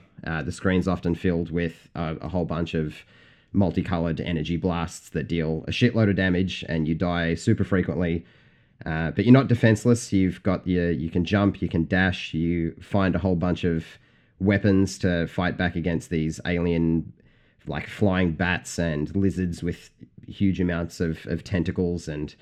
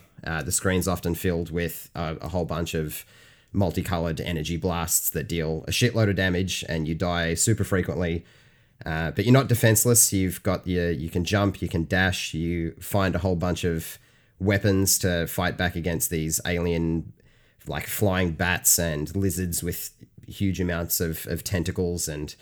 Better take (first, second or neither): second